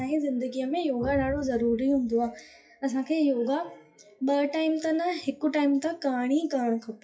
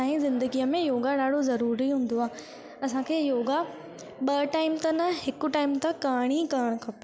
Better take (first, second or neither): second